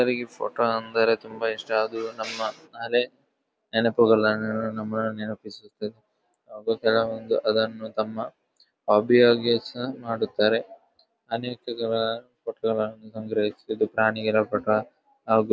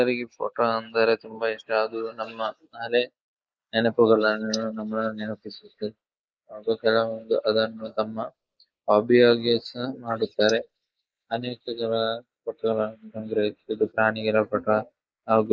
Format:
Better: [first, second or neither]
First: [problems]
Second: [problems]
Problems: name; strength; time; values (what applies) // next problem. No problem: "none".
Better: first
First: none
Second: noise reduction (neural mask model Resemble Enhance denoiser)